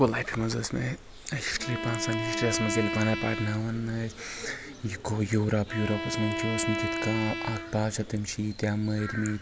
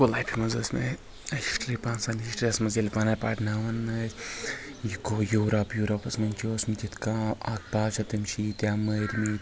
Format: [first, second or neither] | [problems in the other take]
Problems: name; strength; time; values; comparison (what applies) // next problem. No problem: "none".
second | background sound (Bowed string instrument); 5 dB below the speech